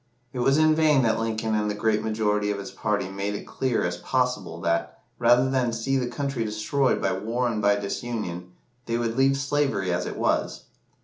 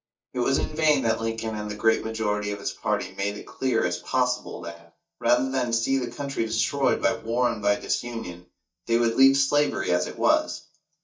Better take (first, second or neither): first